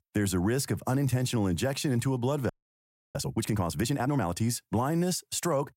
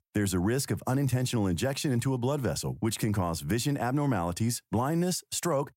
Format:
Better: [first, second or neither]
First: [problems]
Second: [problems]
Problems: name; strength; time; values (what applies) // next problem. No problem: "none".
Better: second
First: audio freezing; at 2.5 s for 0.5 s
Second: none